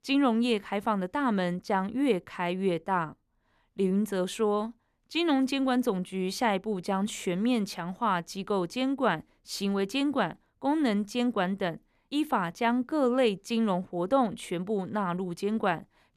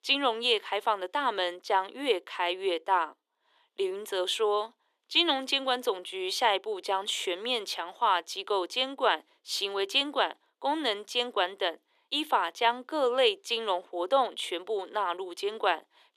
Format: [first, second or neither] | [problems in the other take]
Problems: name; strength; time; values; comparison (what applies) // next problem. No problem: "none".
first | thin; very; fading below 350 Hz